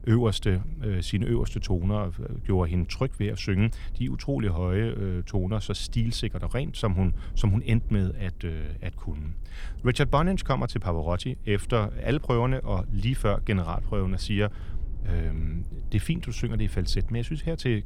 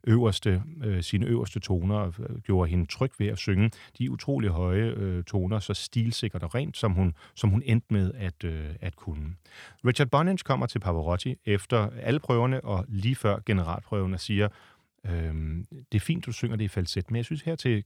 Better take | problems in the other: second | low rumble; faint; throughout; 25 dB below the speech

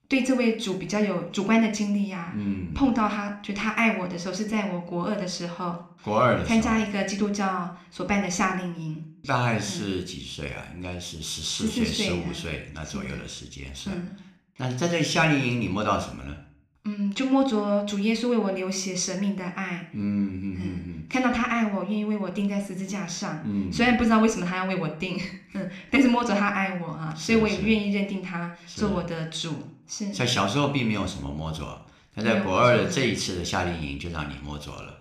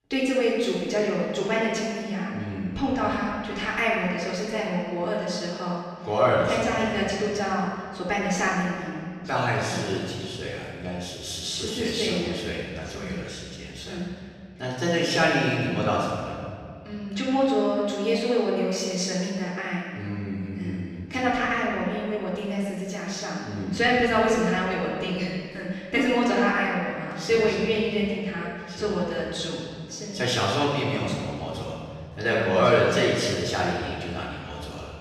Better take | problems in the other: first | room echo; strong; dies away in 2 s; slight in the first // off-mic speech; far

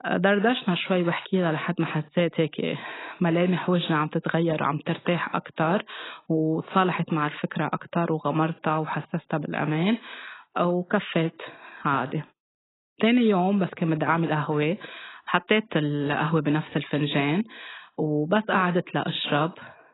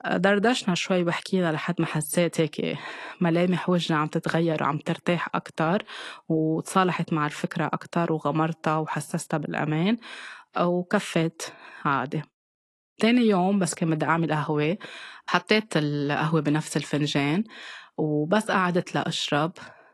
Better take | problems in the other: second | garbled, watery; badly; nothing above 4 kHz; slightly in the second

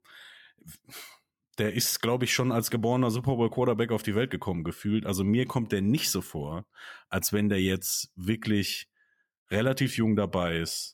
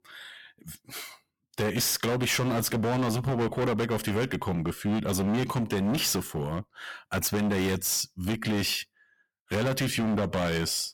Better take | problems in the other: first | distortion; heavy; 21% of the sound clipped

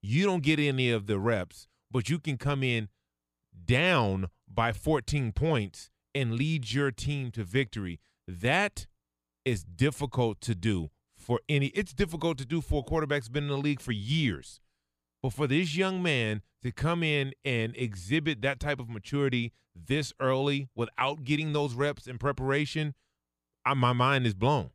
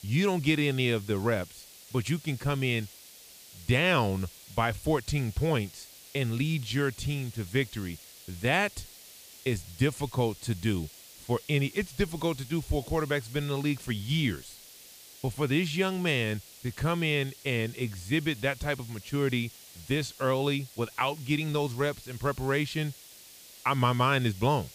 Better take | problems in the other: first | hiss; noticeable; throughout; 20 dB below the speech

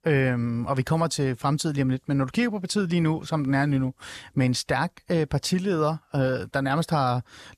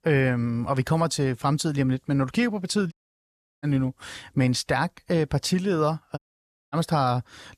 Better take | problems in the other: first | audio cutting out; at 3 s for 0.5 s and at 6 s for 0.5 s

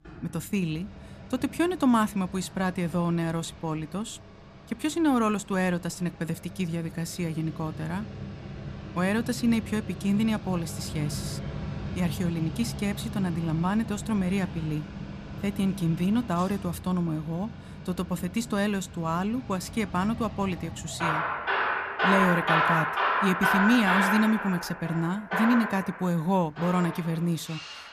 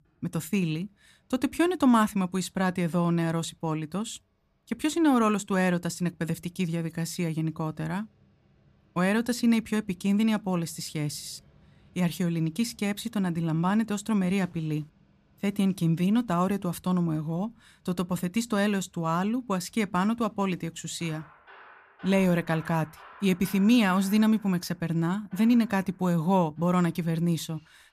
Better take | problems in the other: second | machinery noise; loud; throughout; 3 dB below the speech; faint in the second

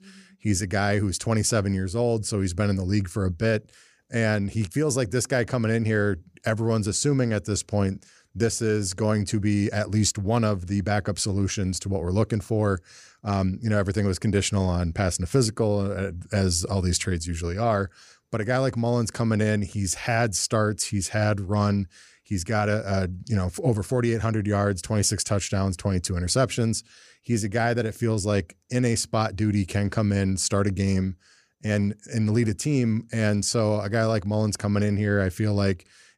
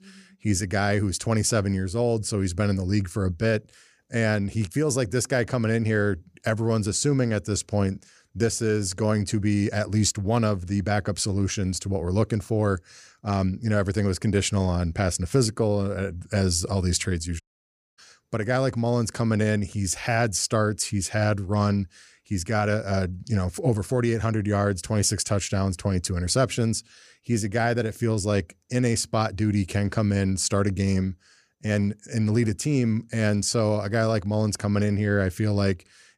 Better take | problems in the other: first | audio cutting out; at 17 s for 0.5 s

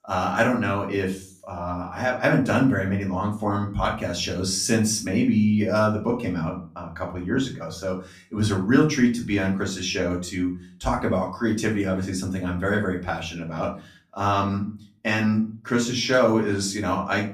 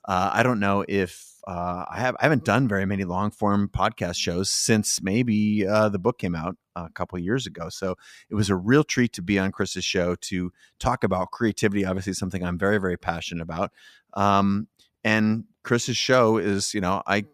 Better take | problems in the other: second | room echo; slight; dies away in 0.3 s // off-mic speech; far

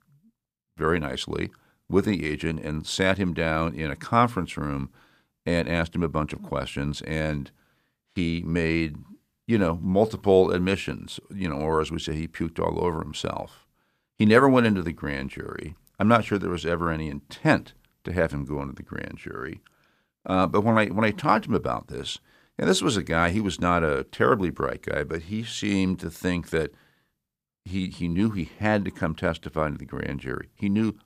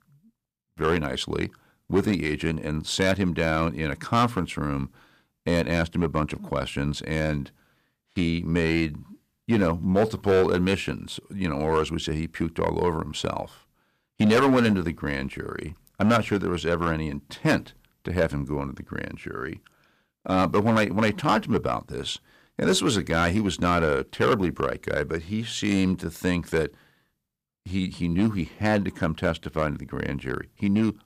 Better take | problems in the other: first | distortion; slight; 3% of the sound clipped

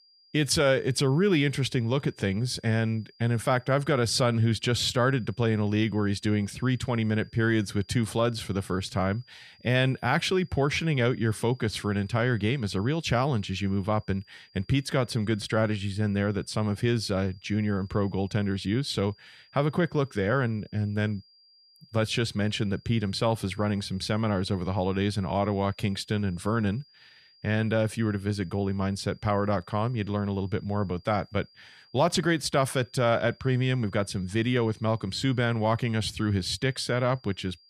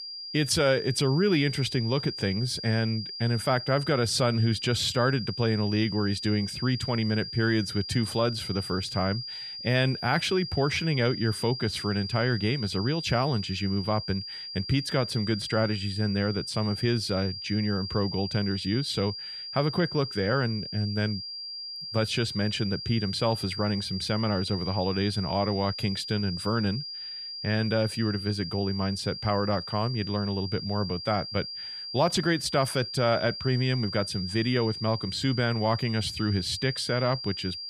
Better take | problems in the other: first | high-pitched whine; loud; throughout; 5 kHz, 7 dB below the speech; faint in the first

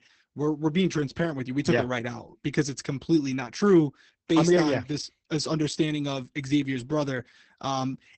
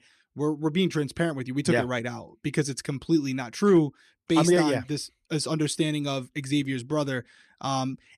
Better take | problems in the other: second | garbled, watery; badly; nothing above 8 kHz

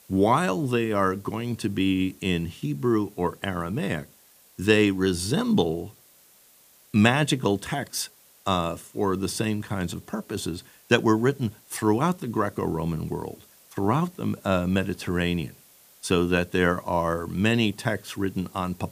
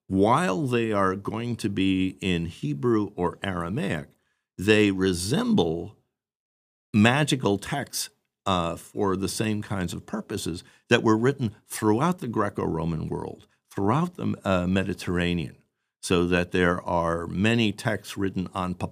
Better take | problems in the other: second | hiss; faint; throughout; 25 dB below the speech

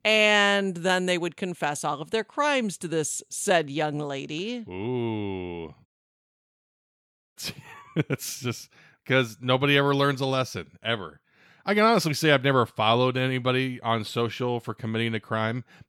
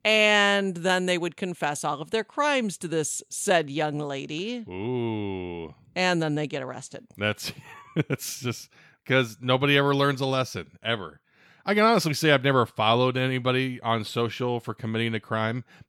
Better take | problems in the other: second | audio cutting out; at 6 s for 1.5 s

